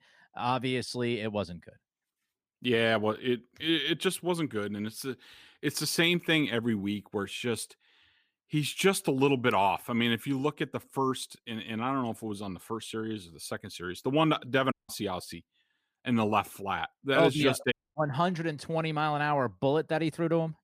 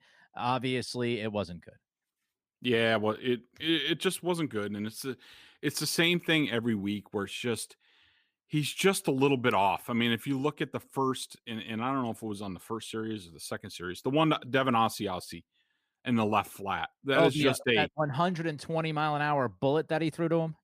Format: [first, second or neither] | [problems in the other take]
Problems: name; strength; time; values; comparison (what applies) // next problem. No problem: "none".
second | audio cutting out; at 15 s and at 18 s